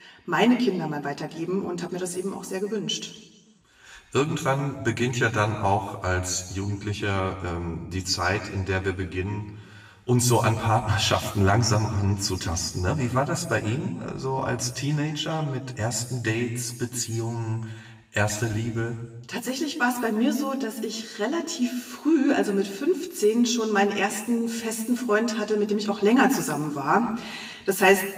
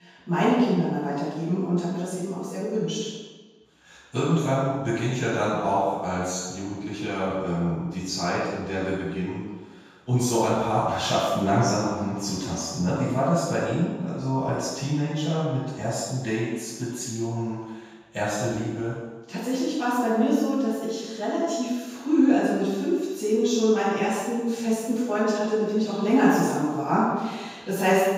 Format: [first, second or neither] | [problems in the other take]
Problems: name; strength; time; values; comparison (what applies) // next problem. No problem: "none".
first | room echo; strong; dies away in 1.2 s; slight in the first // off-mic speech; far; far in the first